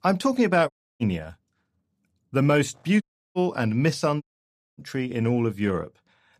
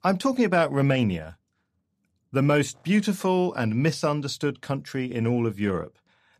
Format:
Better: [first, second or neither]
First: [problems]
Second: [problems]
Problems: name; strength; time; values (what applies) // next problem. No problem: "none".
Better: second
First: audio cutting out; at 0.5 s, at 3 s and at 4 s for 0.5 s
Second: none